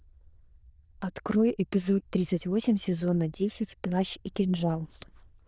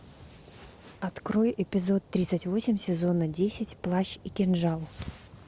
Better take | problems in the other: second | noise reduction (neural diffusion model UNIVERSE++)

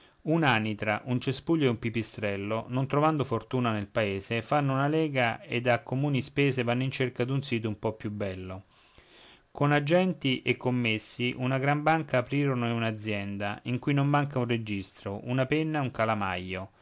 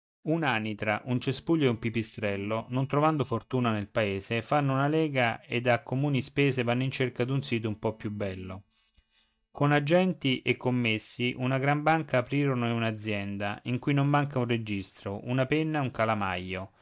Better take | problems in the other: first | noise reduction (neural mask model DeepFilterNet 3)

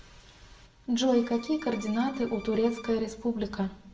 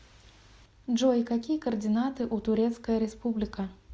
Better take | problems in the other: second | background sound (Bowed string instrument); 20 dB below the speech // room echo; dies away in 0.7 s

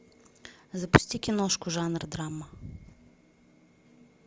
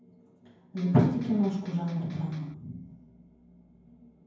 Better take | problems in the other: first | background sound (Electric guitar); 17 dB below the speech // room echo; dies away in 0.9 s

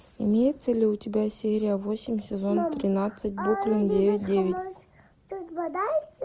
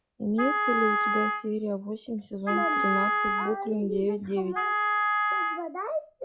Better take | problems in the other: first | noise reduction (classical method log-MMSE)

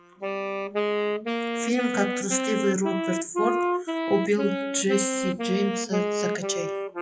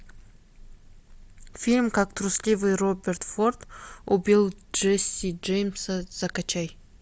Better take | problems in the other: second | noise reduction (classical method WPE with log-MMSE)

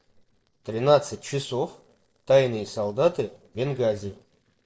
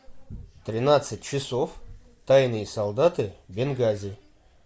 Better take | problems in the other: second | noise reduction (neural separator model SepFormer DNS4)

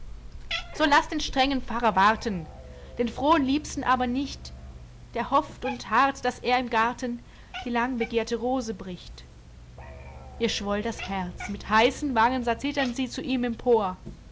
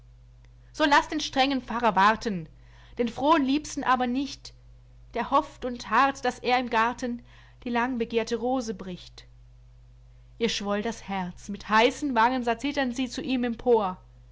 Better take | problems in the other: second | background sound (Cat + Musical instrument); 14 dB below the speech

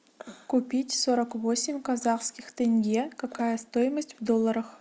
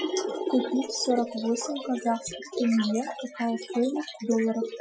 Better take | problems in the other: first | noise reduction (classical method Wiener filter)

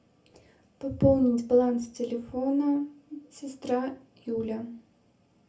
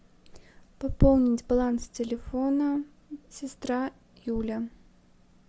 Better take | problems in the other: second | room echo; dies away in 0.3 s

